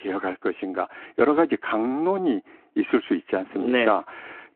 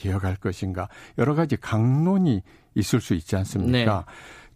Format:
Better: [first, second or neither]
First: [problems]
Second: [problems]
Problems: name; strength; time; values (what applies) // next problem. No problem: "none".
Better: second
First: phone-call audio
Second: none